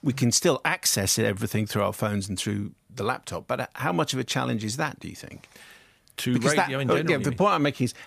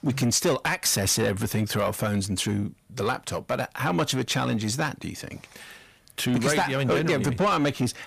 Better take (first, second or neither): first